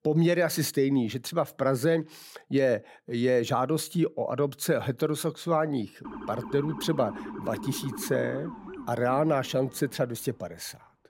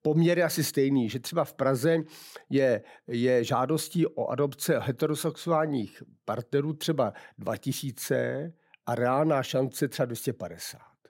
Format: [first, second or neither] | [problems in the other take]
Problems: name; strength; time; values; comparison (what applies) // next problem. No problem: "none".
second | siren; faint; from 6 to 10 s; peak 10 dB below the speech